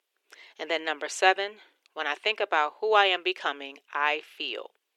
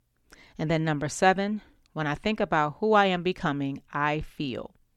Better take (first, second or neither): second